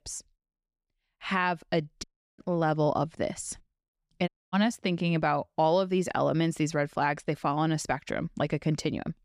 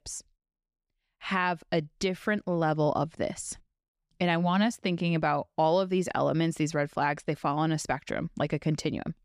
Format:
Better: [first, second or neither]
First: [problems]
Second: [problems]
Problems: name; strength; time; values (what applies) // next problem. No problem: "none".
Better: second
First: audio cutting out; at 2 s and at 4.5 s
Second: none